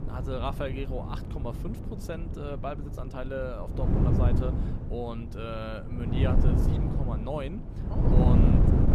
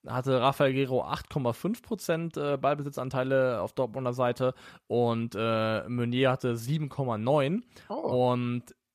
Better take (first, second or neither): second